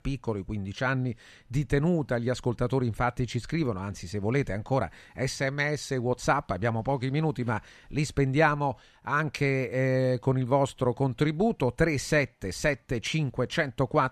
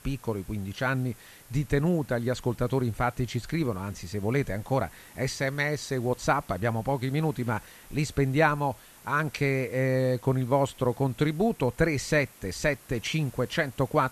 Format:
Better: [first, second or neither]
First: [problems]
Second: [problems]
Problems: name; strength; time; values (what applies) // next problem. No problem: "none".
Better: first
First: none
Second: hiss; faint; throughout; 25 dB below the speech